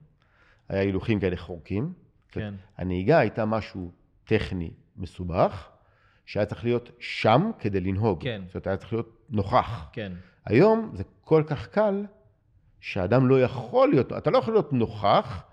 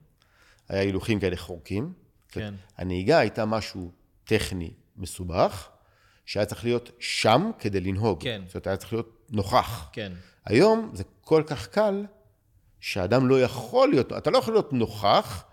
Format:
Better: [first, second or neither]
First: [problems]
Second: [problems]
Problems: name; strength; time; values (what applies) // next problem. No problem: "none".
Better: second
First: muffled; slightly; fading above 3 kHz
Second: none